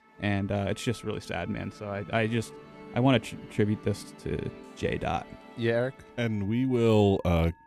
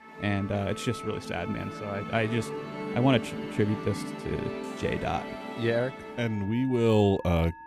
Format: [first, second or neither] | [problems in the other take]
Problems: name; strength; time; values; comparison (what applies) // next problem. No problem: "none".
first | background music; loud; throughout; 9 dB below the speech; faint in the first